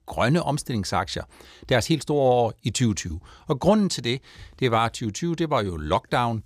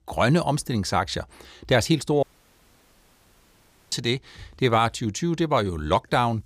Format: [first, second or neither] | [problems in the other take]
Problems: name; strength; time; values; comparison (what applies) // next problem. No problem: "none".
first | audio cutting out; at 2 s for 1.5 s